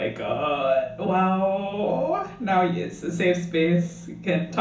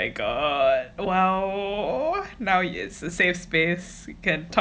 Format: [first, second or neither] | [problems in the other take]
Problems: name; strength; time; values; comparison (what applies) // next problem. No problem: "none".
second | room echo; dies away in 0.7 s